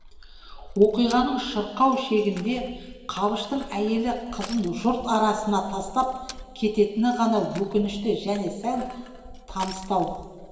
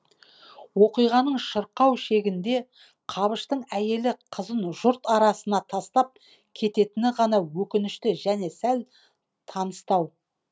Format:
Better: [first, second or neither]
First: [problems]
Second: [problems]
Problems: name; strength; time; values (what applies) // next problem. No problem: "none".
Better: second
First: background sound (Crushing); 18 dB below the speech // room echo; dies away in 2 s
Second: none